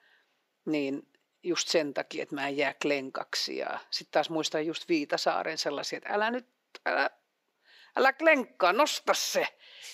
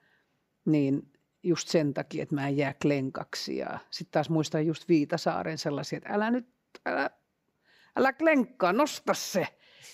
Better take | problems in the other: second | thin; somewhat; fading below 450 Hz

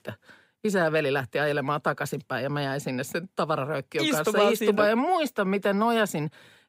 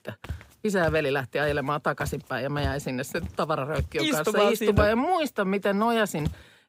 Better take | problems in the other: first | footsteps; noticeable; peak 4 dB below the speech

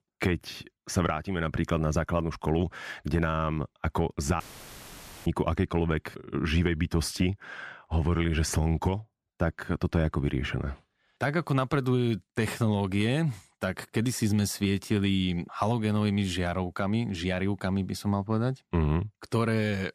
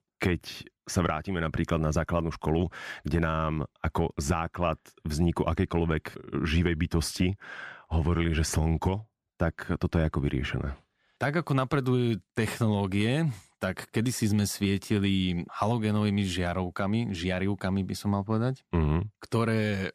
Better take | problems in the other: second | audio cutting out; filled with static; at 4.5 s for 1 s

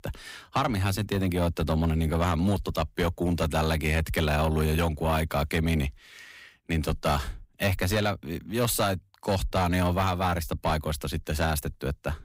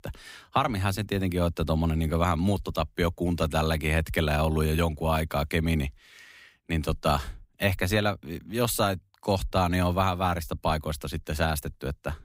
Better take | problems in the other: second | distortion; slight; 10 dB below the speech

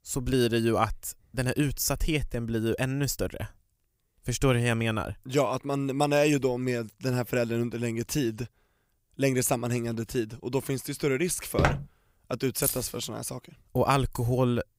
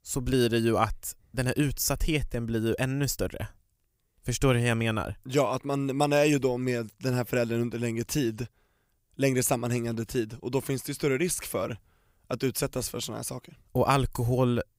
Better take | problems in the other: second | footsteps; loud; at 12 s; peak 1 dB above the speech // jangling keys; noticeable; at 13 s; peak 1 dB below the speech

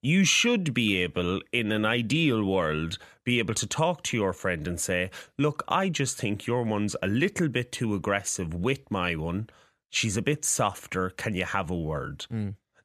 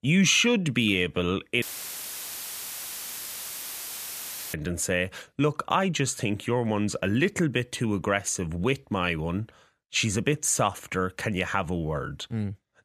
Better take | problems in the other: first | audio cutting out; filled with static; at 1.5 s for 3 s

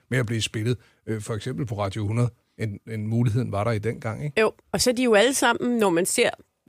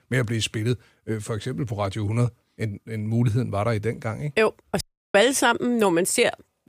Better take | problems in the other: first | audio cutting out; at 5 s

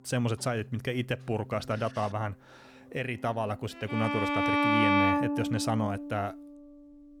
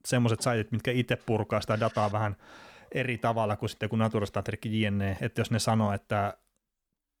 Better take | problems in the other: second | background music; very loud; throughout; 5 dB above the speech

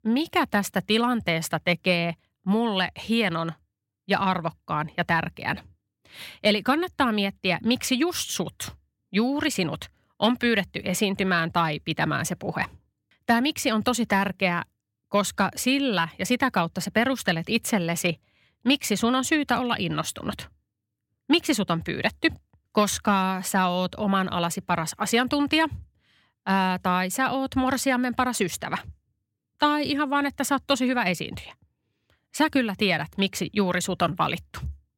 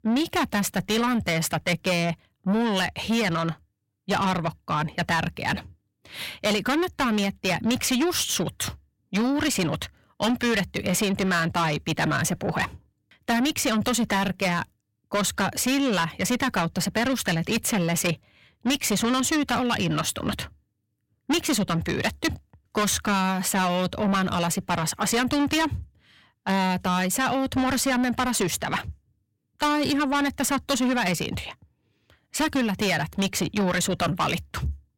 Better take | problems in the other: first | distortion; heavy; 6 dB below the speech

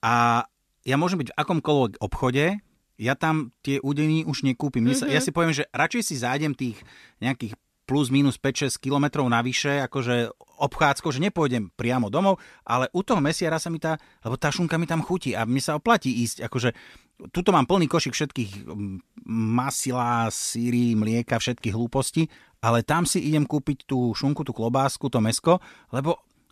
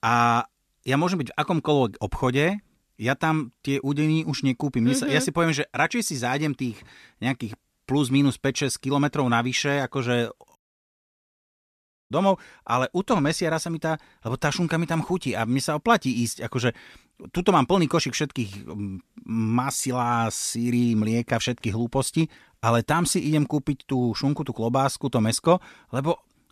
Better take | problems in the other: first | audio cutting out; at 11 s for 1.5 s

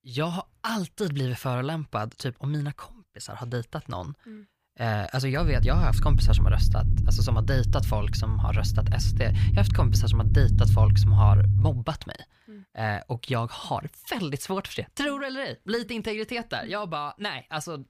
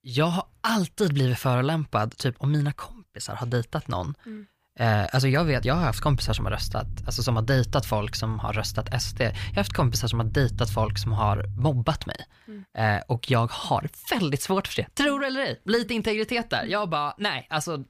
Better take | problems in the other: second | low rumble; loud; from 5.5 to 12 s; 7 dB below the speech; faint in the second

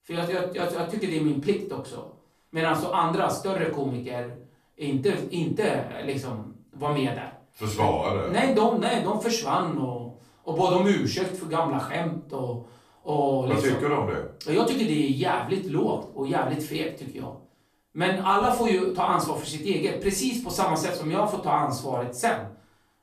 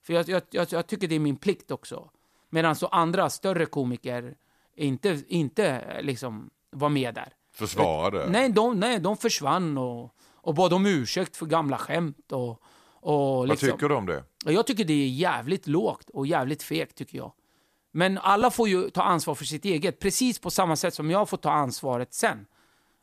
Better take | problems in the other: second | off-mic speech; far // room echo; slight; dies away in 0.3 s

